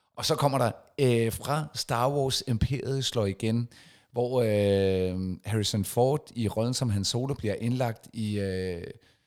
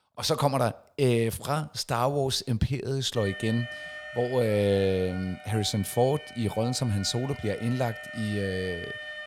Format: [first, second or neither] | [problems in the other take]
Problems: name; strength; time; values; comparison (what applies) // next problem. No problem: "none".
first | alarm; noticeable; from 3 s on; peak 8 dB below the speech